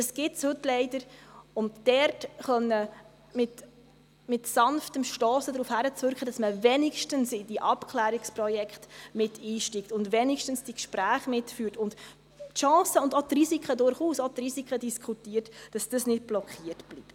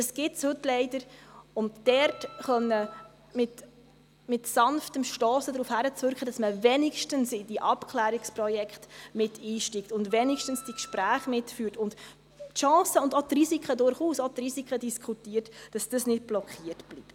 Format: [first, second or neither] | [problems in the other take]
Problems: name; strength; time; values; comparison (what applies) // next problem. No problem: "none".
first | background sound (Wind instrument, woodwind instrument); 19 dB below the speech